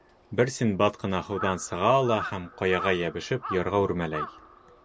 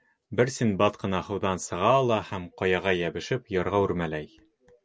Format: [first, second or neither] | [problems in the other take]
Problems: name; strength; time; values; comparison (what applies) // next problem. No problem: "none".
second | background sound (Crow); 13 dB below the speech